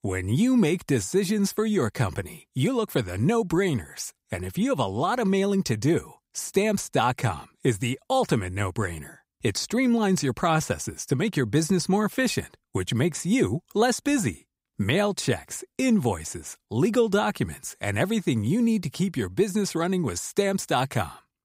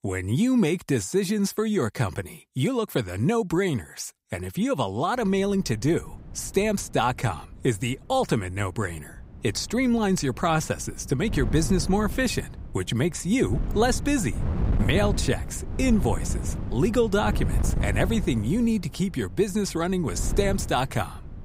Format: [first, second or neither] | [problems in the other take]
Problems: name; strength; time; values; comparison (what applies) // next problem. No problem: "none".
first | wind noise on the microphone; occasional gusts; from 5 s on; 15 dB below the speech